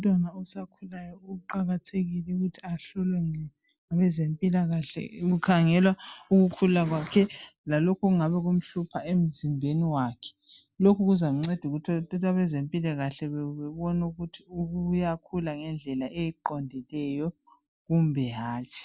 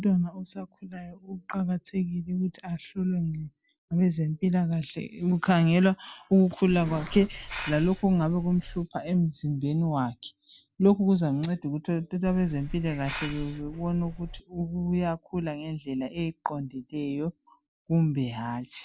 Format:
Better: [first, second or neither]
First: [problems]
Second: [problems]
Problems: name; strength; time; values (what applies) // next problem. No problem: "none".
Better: first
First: none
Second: background sound (Hiss); 12 dB below the speech